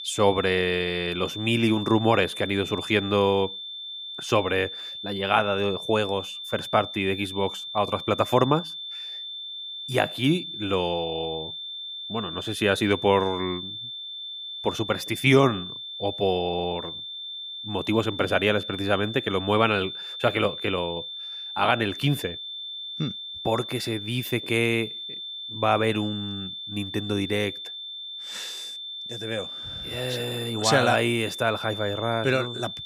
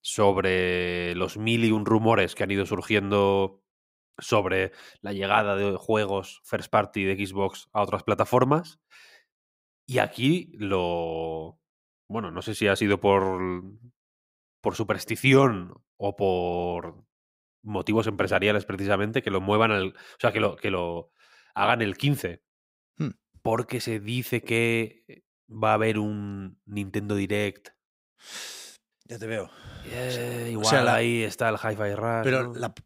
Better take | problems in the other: second | high-pitched whine; loud; throughout; 3.5 kHz, 8 dB below the speech

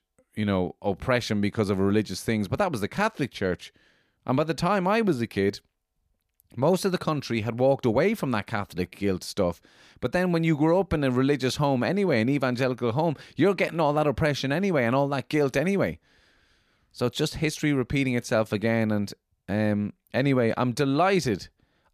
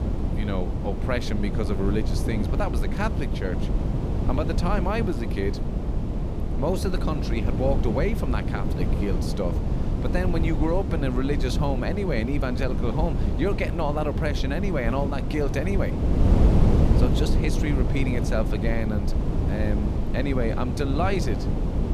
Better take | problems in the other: first | wind noise on the microphone; heavy; 4 dB below the speech

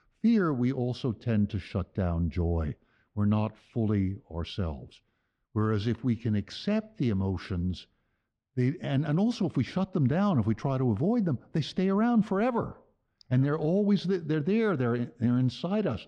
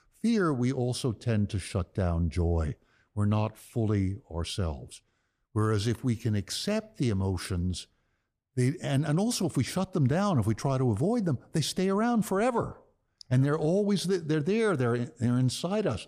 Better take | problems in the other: second | muffled; very slightly; fading above 4 kHz

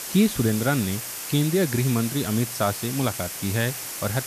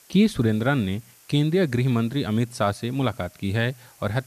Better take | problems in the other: second | hiss; loud; throughout; 6 dB below the speech; faint in the second

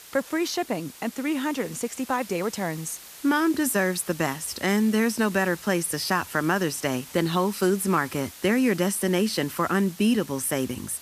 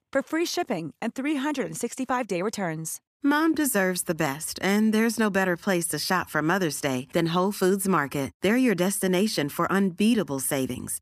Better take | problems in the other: second | hiss; noticeable; throughout; 15 dB below the speech

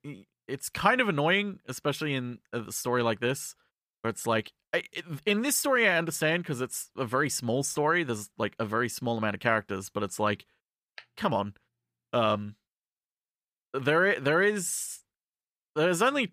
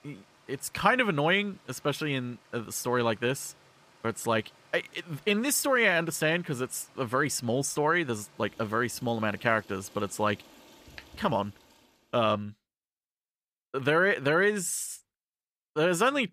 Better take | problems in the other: first | rain or running water; faint; until 12 s; 30 dB below the speech

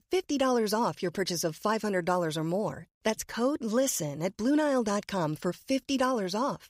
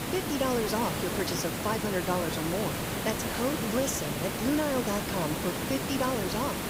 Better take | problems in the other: first | hiss; loud; throughout; as loud as the speech

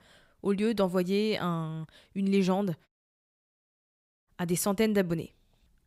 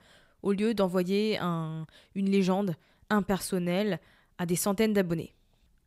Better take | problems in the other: second | audio cutting out; at 3 s for 1.5 s

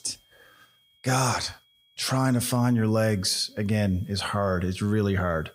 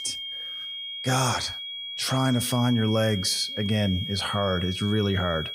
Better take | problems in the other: first | high-pitched whine; loud; throughout; 3.5 kHz, 6 dB below the speech; faint in the first

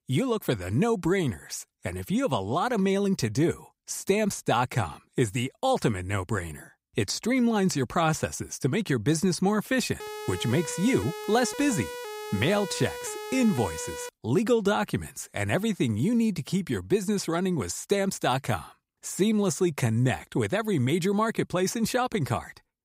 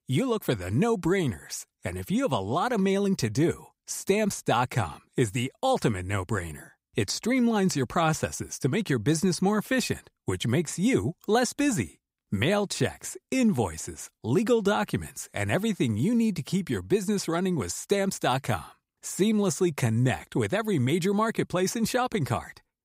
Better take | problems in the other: second | siren; noticeable; from 10 to 14 s; peak 10 dB below the speech

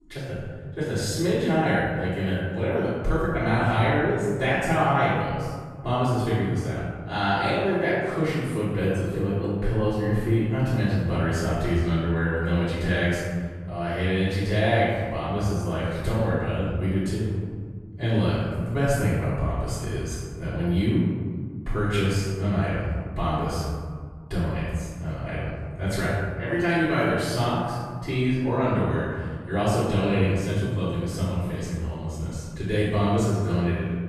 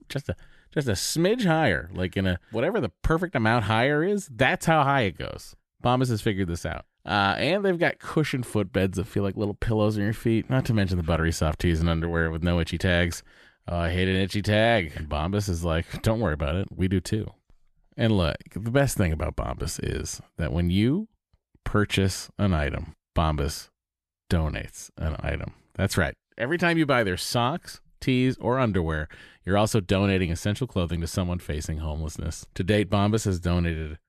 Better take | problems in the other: second | off-mic speech; far // room echo; strong; dies away in 1.8 s

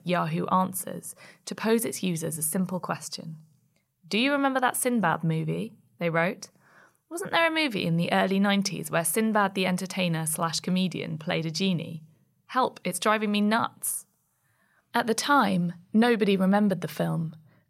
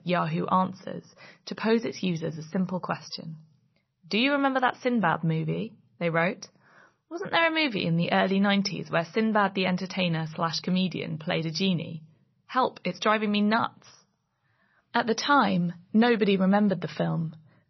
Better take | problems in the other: first | garbled, watery; slightly; nothing above 6 kHz

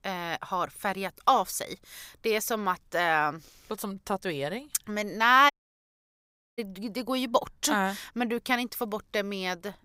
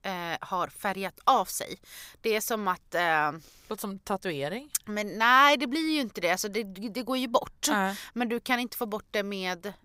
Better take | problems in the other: second | audio cutting out; at 5.5 s for 1 s

